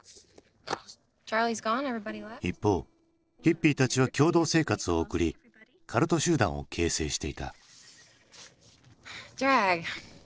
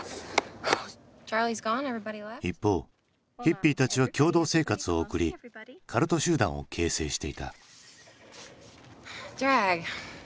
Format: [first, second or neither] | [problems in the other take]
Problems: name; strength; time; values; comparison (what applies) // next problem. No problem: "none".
second | noise reduction (neural separator model SepFormer DNS4)